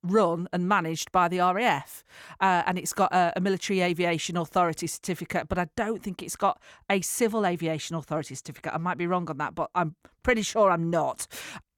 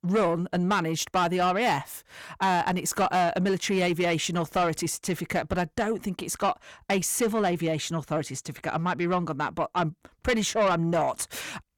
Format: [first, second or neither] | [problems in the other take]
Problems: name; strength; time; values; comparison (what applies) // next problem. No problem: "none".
first | distortion; slight; 10 dB below the speech